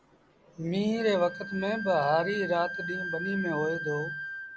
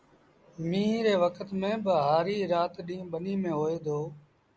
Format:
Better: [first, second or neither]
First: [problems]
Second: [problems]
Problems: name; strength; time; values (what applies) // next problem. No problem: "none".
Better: second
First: background sound (Wind instrument, woodwind instrument); 8 dB below the speech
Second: none